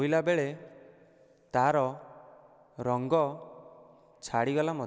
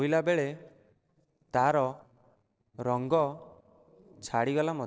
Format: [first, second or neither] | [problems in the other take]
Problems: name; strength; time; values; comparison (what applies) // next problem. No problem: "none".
first | noise reduction (neural separator model SepFormer DNS4)